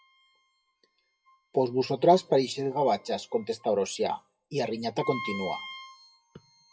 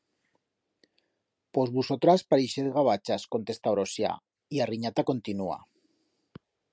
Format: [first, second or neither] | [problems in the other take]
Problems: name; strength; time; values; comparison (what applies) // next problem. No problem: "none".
second | noise reduction (classical method WPE with log-MMSE)